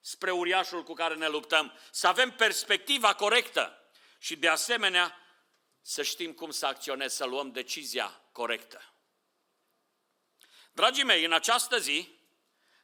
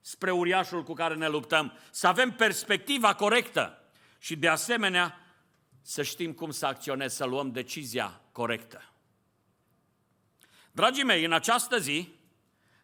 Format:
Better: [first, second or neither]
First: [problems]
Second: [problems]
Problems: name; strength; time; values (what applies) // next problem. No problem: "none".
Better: second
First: thin; somewhat; fading below 300 Hz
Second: none